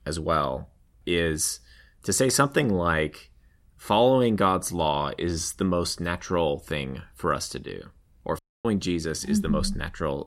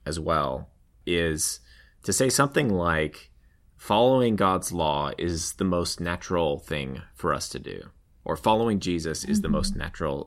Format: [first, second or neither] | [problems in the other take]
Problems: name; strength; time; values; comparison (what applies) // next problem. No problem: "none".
second | audio cutting out; at 8.5 s